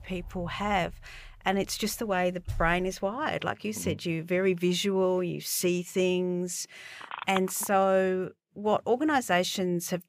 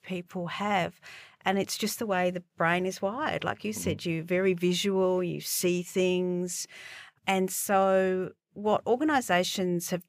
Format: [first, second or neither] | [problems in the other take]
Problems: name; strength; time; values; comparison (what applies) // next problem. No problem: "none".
second | door banging; faint; until 3 s; peak 10 dB below the speech // phone ringing; noticeable; at 7 s; peak 8 dB below the speech